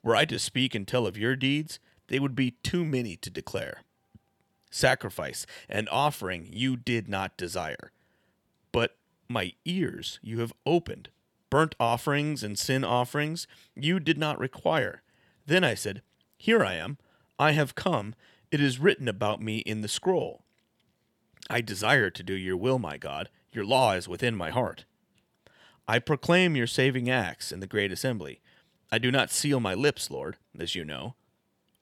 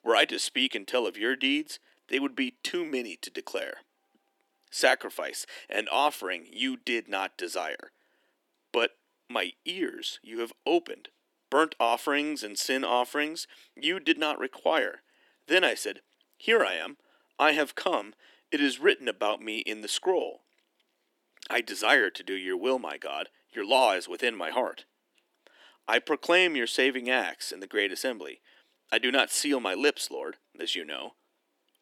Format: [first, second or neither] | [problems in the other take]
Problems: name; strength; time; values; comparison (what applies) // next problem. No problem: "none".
first | thin; very slightly; fading below 300 Hz